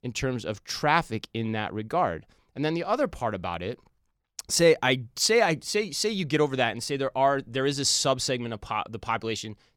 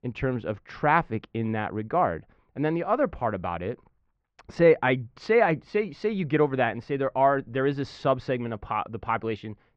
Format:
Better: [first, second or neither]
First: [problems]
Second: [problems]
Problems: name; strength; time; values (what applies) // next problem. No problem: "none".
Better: first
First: none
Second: muffled; very; fading above 2 kHz